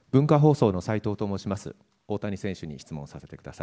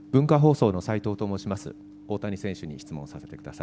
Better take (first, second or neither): first